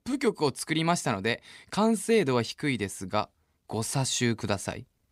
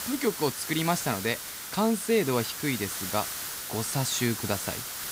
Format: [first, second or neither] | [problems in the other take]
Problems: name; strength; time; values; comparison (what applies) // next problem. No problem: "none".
first | hiss; loud; throughout; 4 dB below the speech